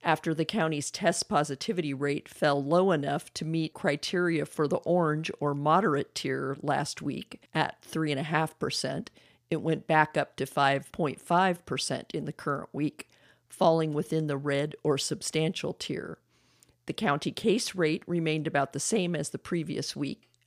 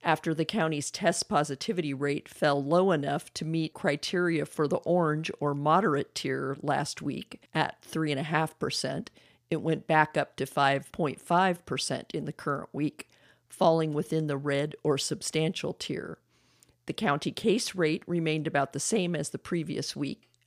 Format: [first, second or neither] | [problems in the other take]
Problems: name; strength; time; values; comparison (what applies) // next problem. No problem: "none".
neither | none